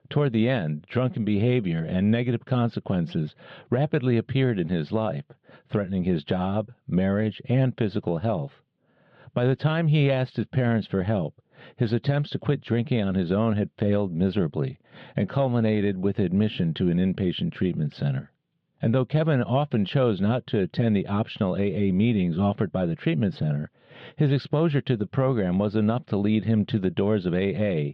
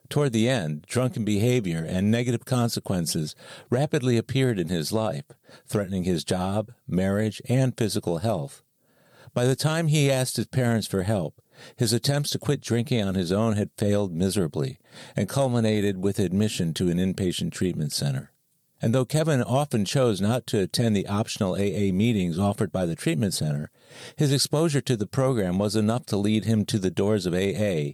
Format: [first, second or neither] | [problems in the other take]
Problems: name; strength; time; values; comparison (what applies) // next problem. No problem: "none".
second | muffled; very; fading above 3.5 kHz